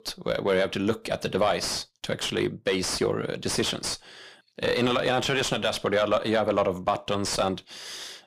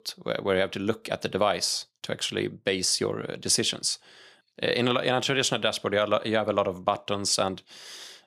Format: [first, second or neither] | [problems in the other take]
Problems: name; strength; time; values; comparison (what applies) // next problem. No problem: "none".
second | distortion; heavy; 7 dB below the speech